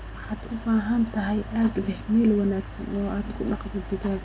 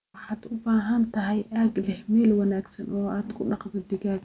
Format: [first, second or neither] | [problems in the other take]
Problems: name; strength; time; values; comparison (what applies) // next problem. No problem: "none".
second | background sound (Mechanical fan); 11 dB below the speech